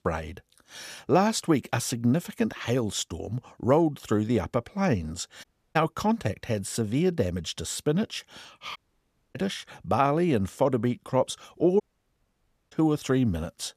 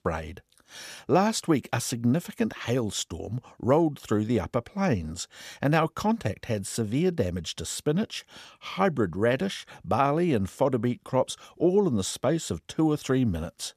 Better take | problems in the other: second | audio cutting out; at 5.5 s, at 9 s for 0.5 s and at 12 s for 1 s

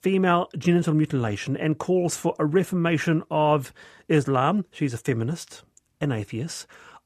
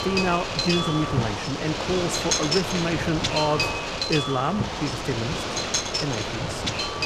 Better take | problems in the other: first | wind noise on the microphone; heavy; 3 dB above the speech

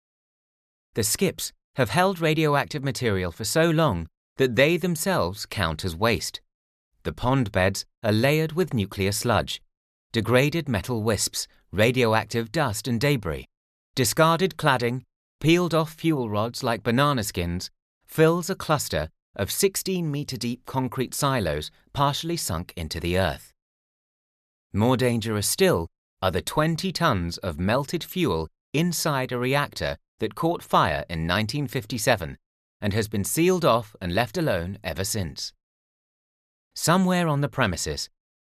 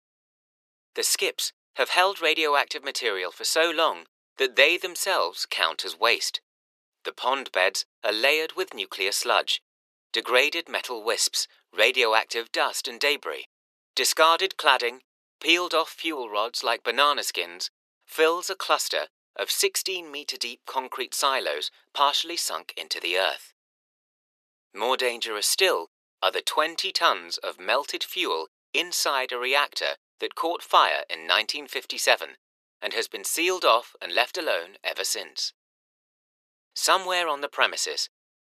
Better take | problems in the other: first | thin; very; fading below 400 Hz

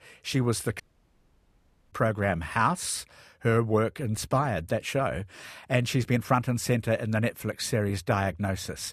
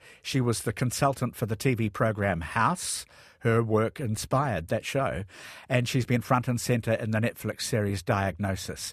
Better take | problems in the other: second | audio cutting out; at 1 s for 1 s

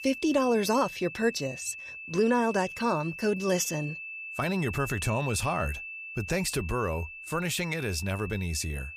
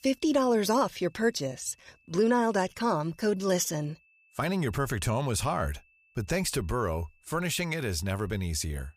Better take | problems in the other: second | high-pitched whine; loud; throughout; 2.5 kHz, 10 dB below the speech; faint in the second

